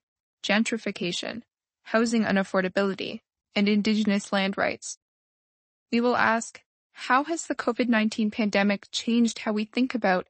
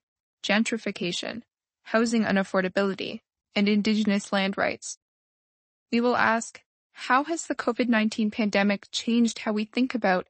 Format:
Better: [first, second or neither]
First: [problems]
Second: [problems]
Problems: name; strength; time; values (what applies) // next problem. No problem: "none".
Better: neither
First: garbled, watery; slightly; nothing above 8 kHz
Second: garbled, watery; slightly; nothing above 8 kHz